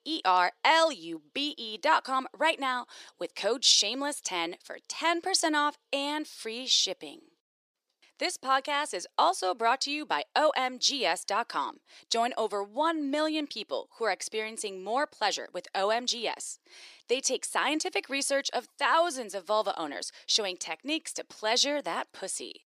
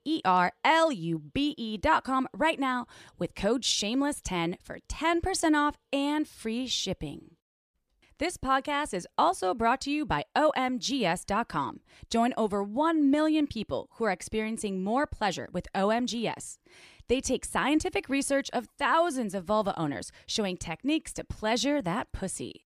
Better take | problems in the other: second | thin; somewhat; fading below 400 Hz

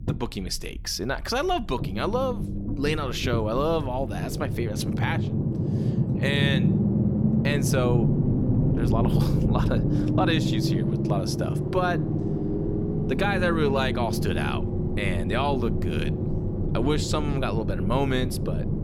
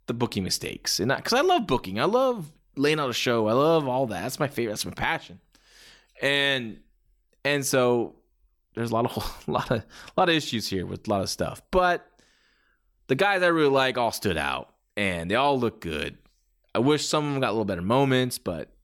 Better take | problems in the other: second | low rumble; loud; throughout; 5 dB below the speech

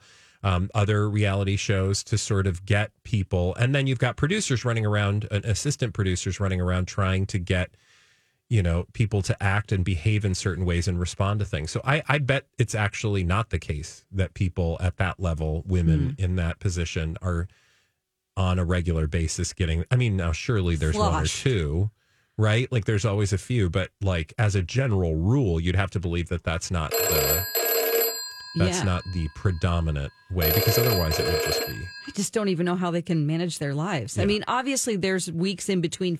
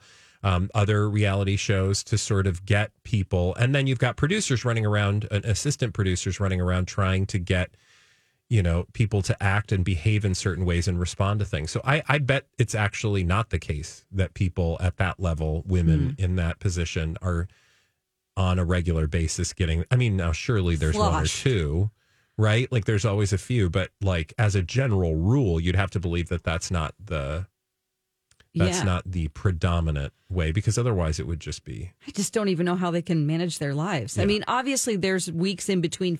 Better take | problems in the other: second | phone ringing; loud; from 27 to 32 s; peak 5 dB above the speech

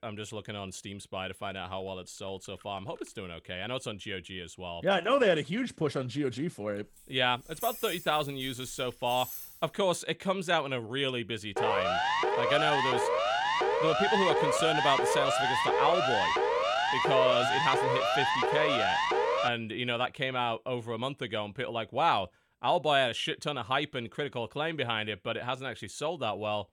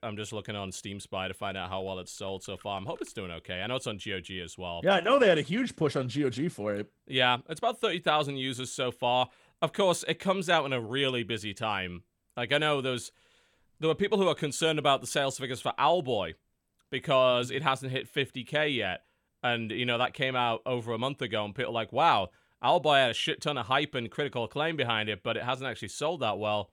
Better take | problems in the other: second | jangling keys; noticeable; from 7 to 9.5 s; peak 6 dB below the speech // siren; loud; from 12 to 19 s; peak 4 dB above the speech

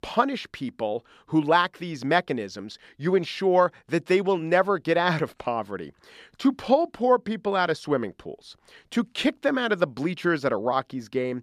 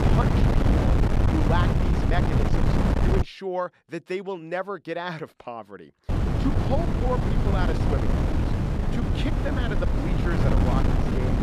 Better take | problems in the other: first | wind noise on the microphone; heavy; until 3 s and from 6 s on; 1 dB above the speech

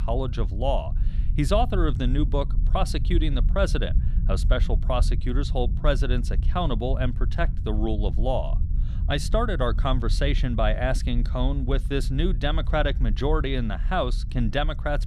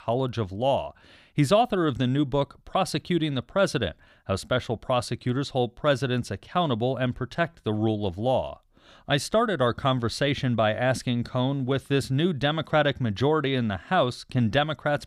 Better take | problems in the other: second | low rumble; noticeable; throughout; 15 dB below the speech

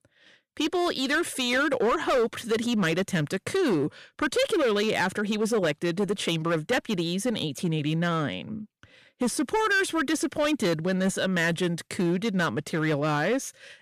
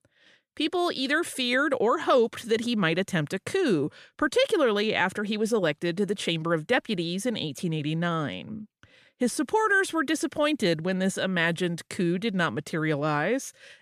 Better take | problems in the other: second | distortion; slight; 10% of the sound clipped

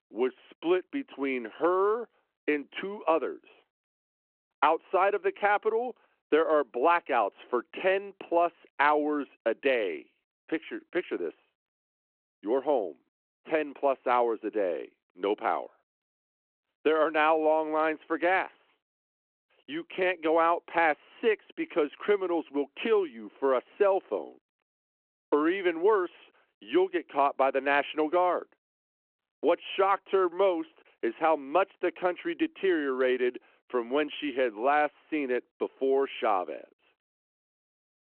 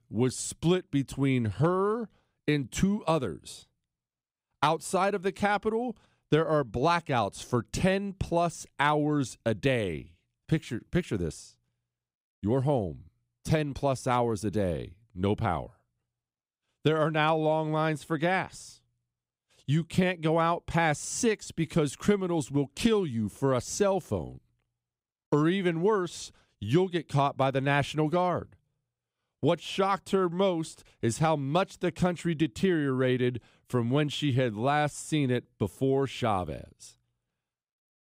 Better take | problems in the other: second | phone-call audio

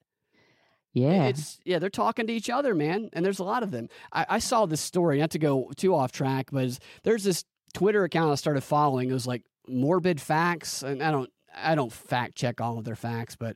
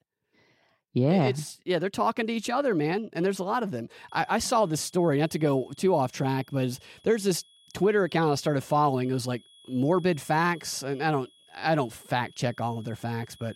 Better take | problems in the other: first | high-pitched whine; faint; from 4 s on; 3.5 kHz, 30 dB below the speech

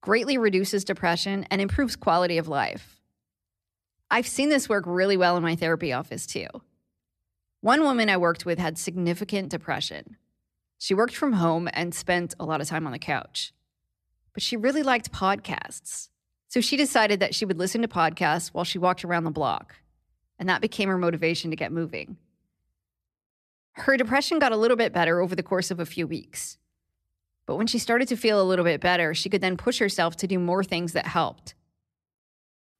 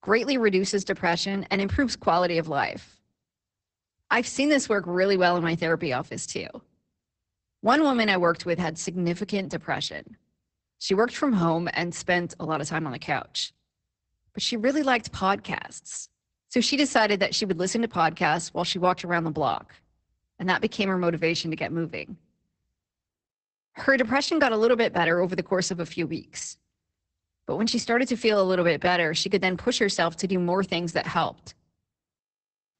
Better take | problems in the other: first | garbled, watery; badly; nothing above 8 kHz

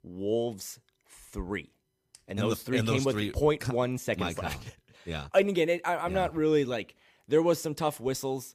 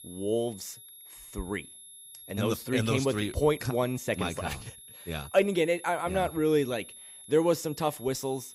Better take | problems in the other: first | high-pitched whine; noticeable; throughout; 11.5 kHz, 15 dB below the speech

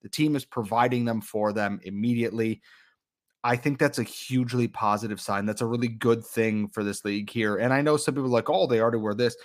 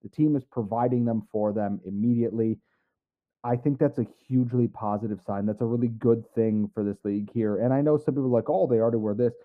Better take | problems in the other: first | muffled; very; fading above 1.5 kHz

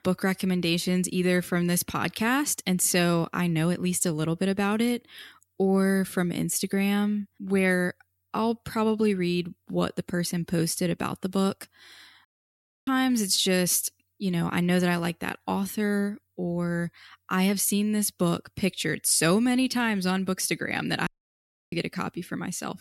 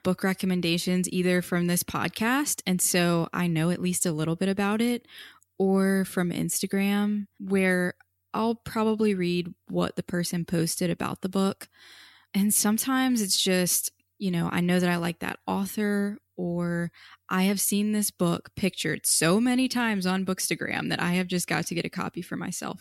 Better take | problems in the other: second | audio cutting out; at 12 s for 0.5 s and at 21 s for 0.5 s

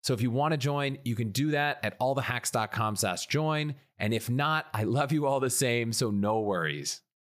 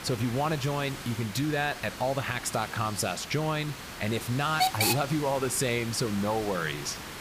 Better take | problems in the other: first | hiss; loud; throughout; 5 dB below the speech

